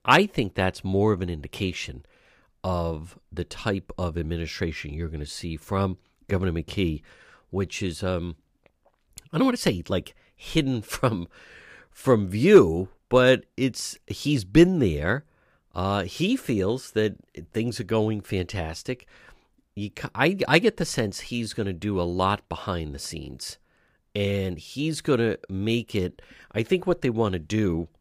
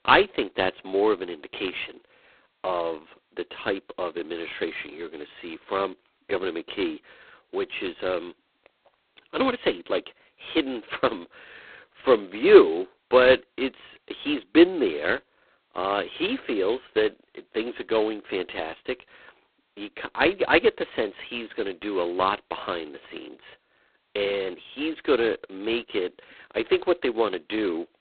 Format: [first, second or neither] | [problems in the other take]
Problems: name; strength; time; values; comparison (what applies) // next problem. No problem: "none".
first | phone-call audio; poor line; nothing above 4 kHz